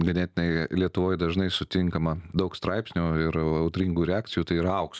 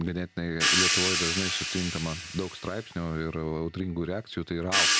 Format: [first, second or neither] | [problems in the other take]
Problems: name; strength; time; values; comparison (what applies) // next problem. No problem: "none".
first | background sound (Crash cymbal / Hi-hat); 2 dB above the speech